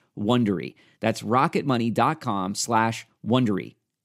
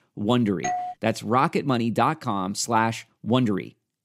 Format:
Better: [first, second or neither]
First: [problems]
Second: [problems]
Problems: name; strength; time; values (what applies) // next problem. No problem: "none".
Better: first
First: none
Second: doorbell; noticeable; at 0.5 s; peak 5 dB below the speech